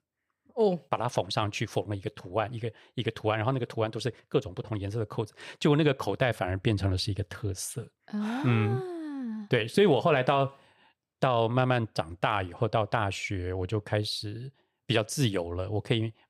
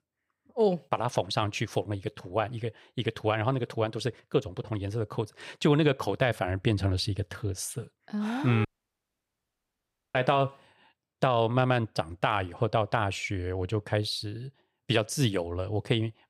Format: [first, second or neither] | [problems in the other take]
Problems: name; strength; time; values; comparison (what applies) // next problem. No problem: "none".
first | audio cutting out; at 8.5 s for 1.5 s